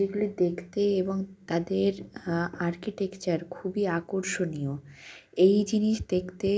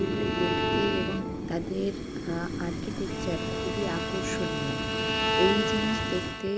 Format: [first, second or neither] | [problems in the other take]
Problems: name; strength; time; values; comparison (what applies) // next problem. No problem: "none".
first | background sound (Bowed string instrument + Fire); 2 dB above the speech